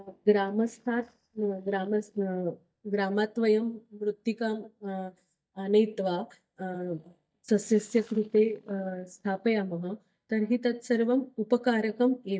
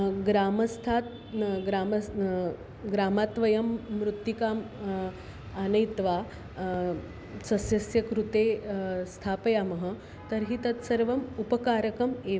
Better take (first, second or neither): second